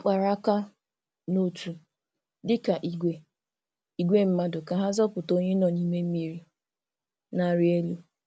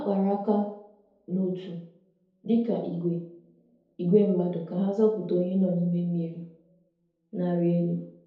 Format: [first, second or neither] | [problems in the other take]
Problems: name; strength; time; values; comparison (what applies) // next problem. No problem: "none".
first | room echo; dies away in 1.9 s